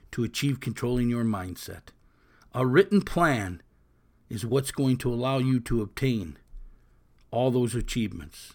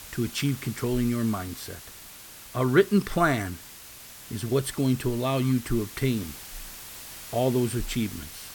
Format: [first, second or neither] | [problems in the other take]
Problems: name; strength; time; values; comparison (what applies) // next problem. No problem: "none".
first | hiss; noticeable; throughout; 15 dB below the speech